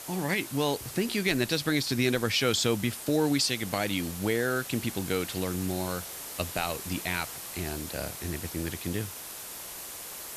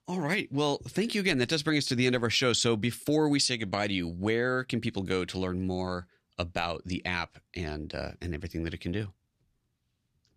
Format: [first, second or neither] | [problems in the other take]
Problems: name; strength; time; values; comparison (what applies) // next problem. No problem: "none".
second | hiss; loud; throughout; 9 dB below the speech